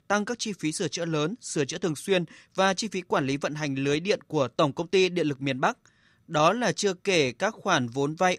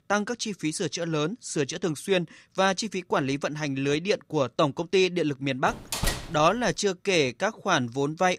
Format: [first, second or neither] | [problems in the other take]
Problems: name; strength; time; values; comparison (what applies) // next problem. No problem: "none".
first | door banging; noticeable; at 5.5 s; peak 2 dB below the speech